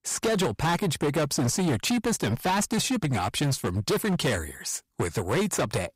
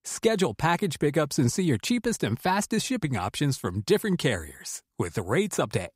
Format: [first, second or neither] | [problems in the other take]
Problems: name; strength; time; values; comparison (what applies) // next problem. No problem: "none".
second | distortion; heavy; 20% of the sound clipped